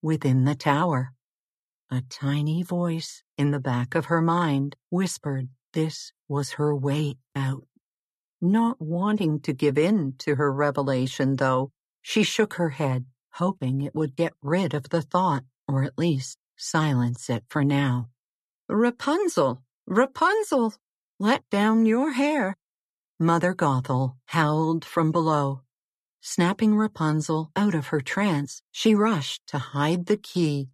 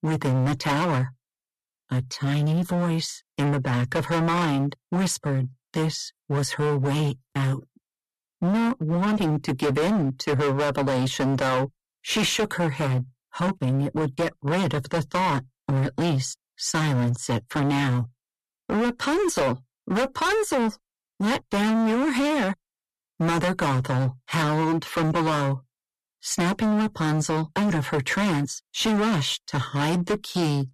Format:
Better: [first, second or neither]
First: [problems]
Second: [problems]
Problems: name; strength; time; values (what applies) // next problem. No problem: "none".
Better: first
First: none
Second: distortion; heavy; 24% of the sound clipped